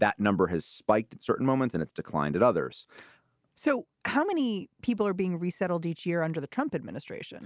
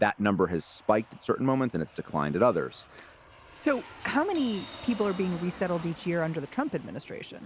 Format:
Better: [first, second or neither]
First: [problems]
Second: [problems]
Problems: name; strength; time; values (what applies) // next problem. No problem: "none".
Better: first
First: none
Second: background sound (Crash cymbal + Aircraft); 19 dB below the speech